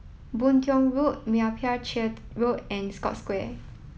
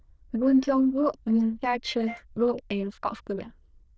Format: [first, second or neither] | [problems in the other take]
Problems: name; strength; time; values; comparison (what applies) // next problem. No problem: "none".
first | noise reduction (neural diffusion model UNIVERSE++)